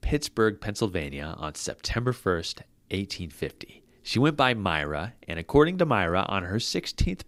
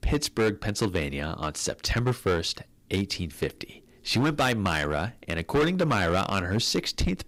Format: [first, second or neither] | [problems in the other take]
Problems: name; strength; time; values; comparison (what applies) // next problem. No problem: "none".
first | distortion; heavy; 7% of the sound clipped